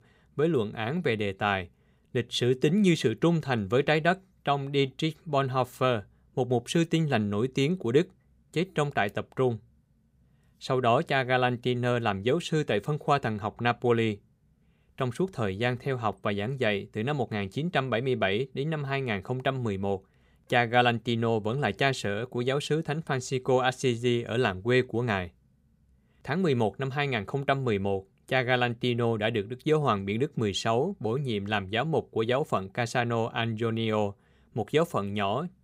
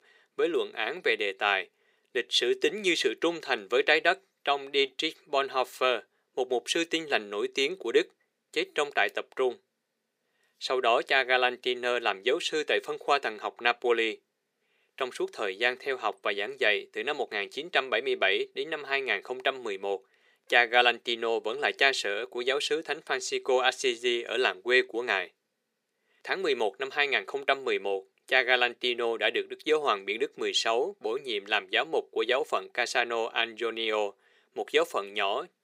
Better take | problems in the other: first | thin; very; fading below 350 Hz

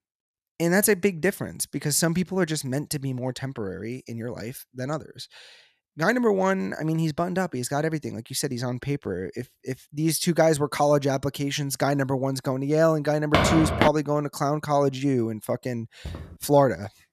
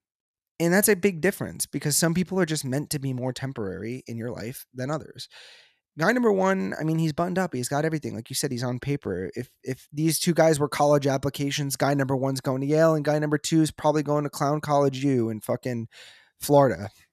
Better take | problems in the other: second | footsteps; loud; at 13 s; peak 3 dB above the speech // footsteps; faint; at 16 s; peak 15 dB below the speech

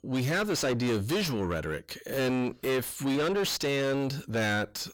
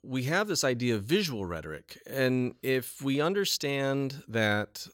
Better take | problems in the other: second | distortion; heavy; 5 dB below the speech

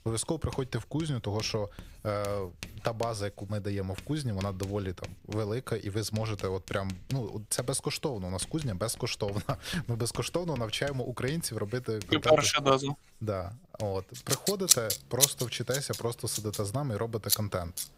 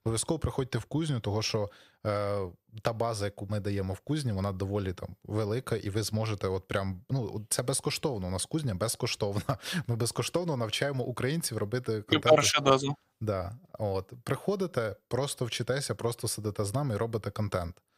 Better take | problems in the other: second | household noises; very loud; throughout; 1 dB above the speech

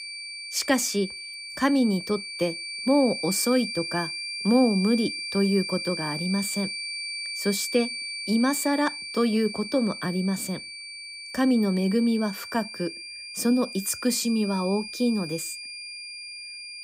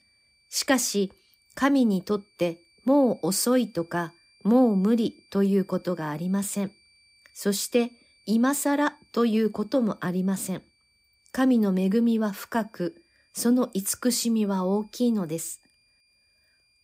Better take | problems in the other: second | high-pitched whine; loud; throughout; 2.5 kHz, 7 dB below the speech; faint in the second

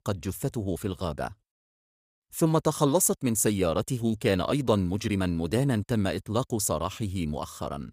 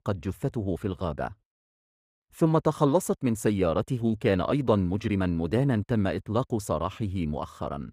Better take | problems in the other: first | muffled; slightly; fading above 3.5 kHz

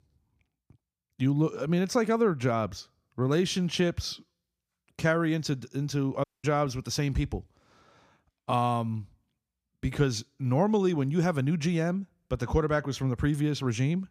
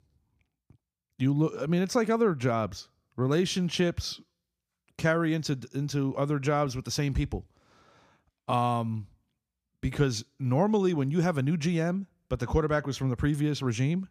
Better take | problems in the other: second | audio cutting out; at 6 s

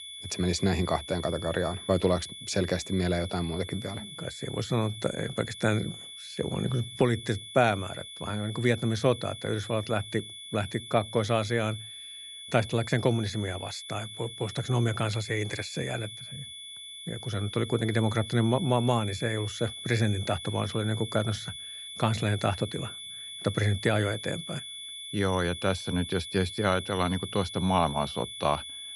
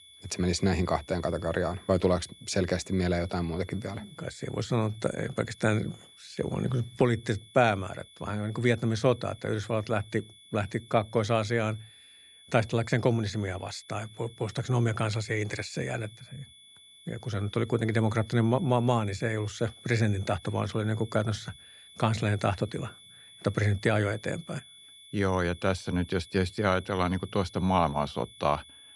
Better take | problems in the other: second | high-pitched whine; loud; throughout; 3.5 kHz, 10 dB below the speech; faint in the second

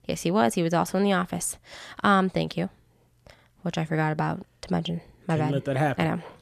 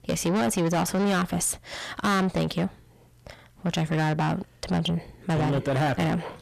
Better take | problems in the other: first | distortion; heavy; 7 dB below the speech

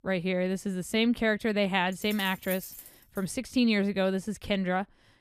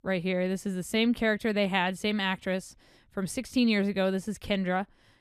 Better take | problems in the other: second | jangling keys; faint; from 2 to 3 s; peak 10 dB below the speech

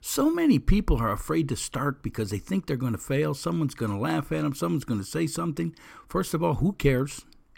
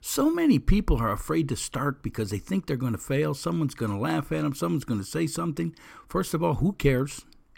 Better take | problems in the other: neither | none

